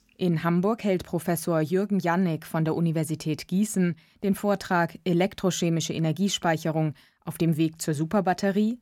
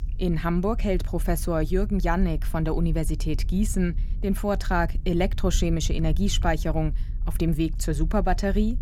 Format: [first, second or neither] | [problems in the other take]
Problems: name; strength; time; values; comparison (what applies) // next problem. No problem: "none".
first | low rumble; faint; throughout; 20 dB below the speech